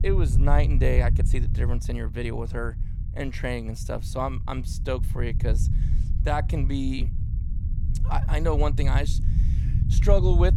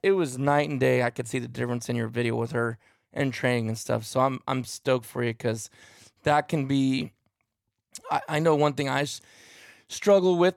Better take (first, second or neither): second